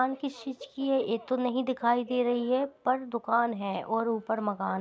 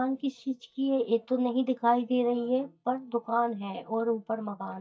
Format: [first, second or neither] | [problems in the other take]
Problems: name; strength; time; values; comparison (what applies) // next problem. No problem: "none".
first | noise reduction (neural mask model DeepFilterNet 3)